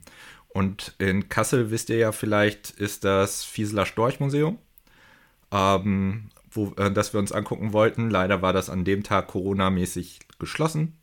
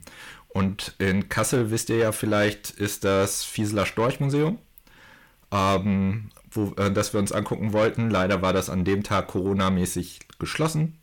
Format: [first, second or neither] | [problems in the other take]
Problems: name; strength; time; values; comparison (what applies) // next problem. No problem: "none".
first | distortion; slight; 10 dB below the speech